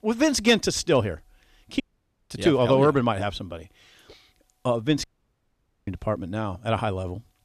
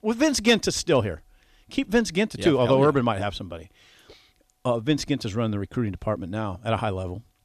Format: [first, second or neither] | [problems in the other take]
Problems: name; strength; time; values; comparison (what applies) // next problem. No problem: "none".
second | audio cutting out; at 2 s and at 5 s for 1 s